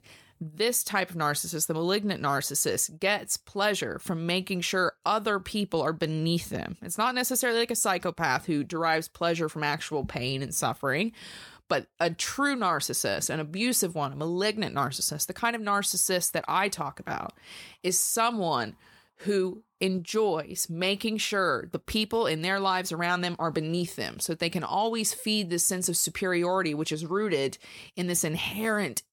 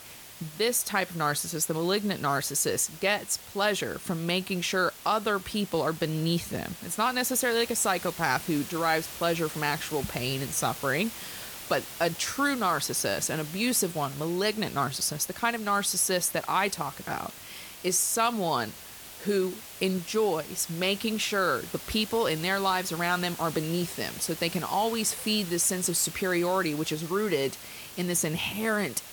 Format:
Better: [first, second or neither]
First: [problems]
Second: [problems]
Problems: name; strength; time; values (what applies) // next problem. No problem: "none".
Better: first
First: none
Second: hiss; noticeable; throughout; 15 dB below the speech